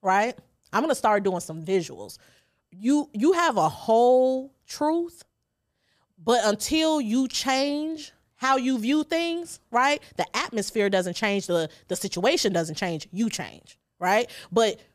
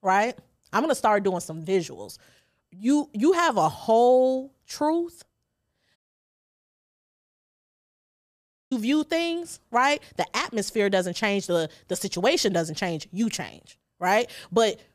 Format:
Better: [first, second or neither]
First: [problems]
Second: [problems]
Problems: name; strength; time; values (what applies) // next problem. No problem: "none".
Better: first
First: none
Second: audio cutting out; at 6 s for 3 s